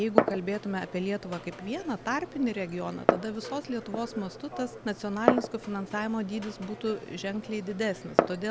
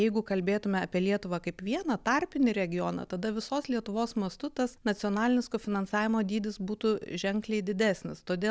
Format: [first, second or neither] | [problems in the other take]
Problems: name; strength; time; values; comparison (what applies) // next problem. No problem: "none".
second | background sound (Glass); 1 dB below the speech